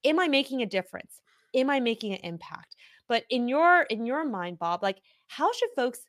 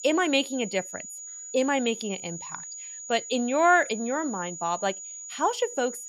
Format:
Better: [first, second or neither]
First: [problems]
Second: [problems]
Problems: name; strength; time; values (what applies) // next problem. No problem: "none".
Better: first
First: none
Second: high-pitched whine; noticeable; throughout; 7 kHz, 10 dB below the speech